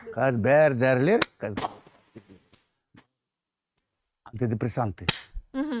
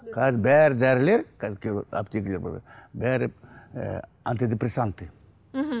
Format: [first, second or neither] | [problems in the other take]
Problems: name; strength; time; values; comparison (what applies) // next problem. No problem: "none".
second | noise reduction (neural mask model RNNoise)